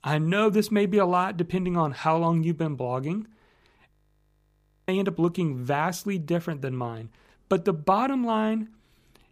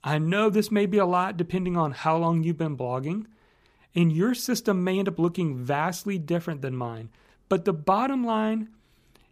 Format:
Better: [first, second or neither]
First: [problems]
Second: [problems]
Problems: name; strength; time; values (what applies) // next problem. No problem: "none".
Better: second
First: audio freezing; at 4 s for 1 s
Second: none